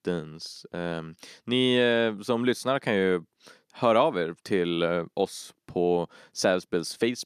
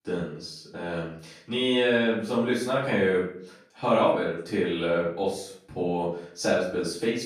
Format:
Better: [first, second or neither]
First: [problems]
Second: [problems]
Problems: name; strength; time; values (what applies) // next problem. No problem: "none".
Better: first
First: none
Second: off-mic speech; far // room echo; noticeable; dies away in 0.5 s